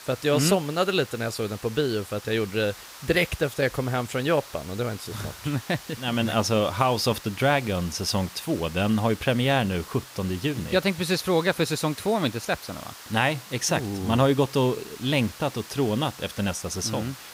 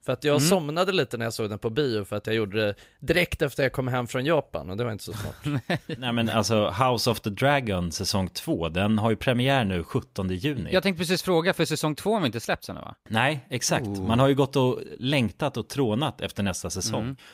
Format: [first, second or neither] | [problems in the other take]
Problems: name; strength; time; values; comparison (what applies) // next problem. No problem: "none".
second | hiss; noticeable; throughout; 15 dB below the speech